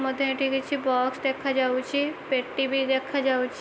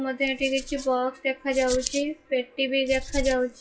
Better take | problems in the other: first | noise reduction (classical method WPE with log-MMSE)

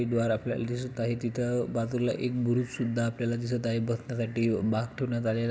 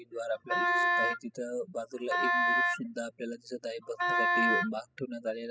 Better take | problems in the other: first | noise reduction (classical method spectral subtraction)

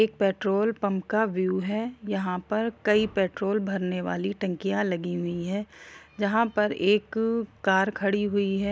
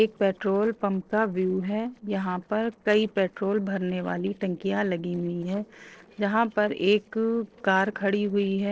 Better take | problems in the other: first | noise reduction (neural separator model SepFormer DNS4)

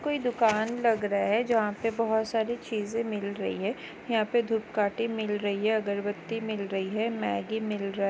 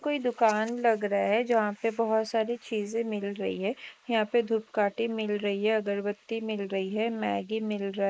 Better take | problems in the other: first | noise reduction (neural mask model Resemble Enhance denoiser)

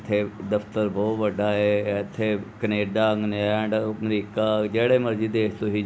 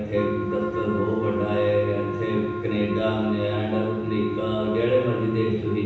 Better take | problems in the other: first | background sound (Wind instrument, woodwind instrument); 6 dB below the speech // room echo; dies away in 1.1 s

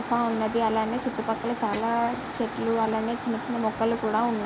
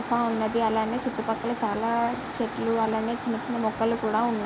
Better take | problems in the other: second | background sound (Snare drum); 20 dB below the speech

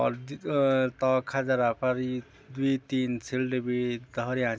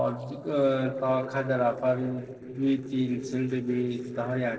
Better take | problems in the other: first | noise reduction (neural separator model SepFormer DNS4)

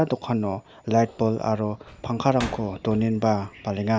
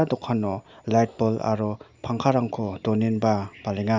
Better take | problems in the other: second | background sound (Slam); 17 dB below the speech

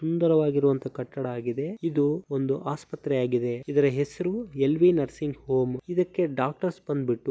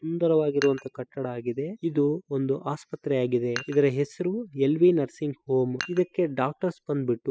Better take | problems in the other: first | noise reduction (classical method spectral subtraction)

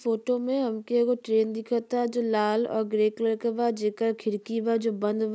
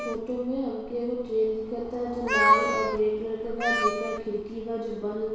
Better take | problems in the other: first | background sound (Meow); as loud as the speech // room echo; dies away in 1.1 s

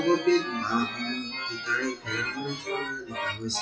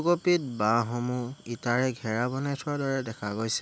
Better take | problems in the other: second | noise reduction (classical method WPE with log-MMSE)

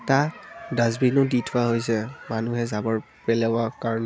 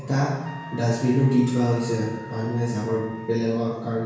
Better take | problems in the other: first | background sound (Trumpet); 18 dB below the speech // room echo; dies away in 1 s

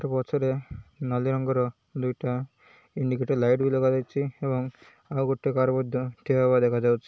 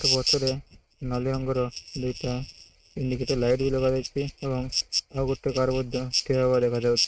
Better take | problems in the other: first | noise reduction (neural mask model RNNoise)

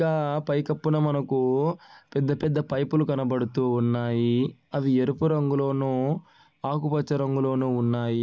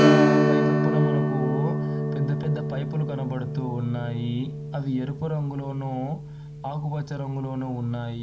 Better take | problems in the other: first | background sound (Strum); 5 dB above the speech // room echo; dies away in 0.4 s

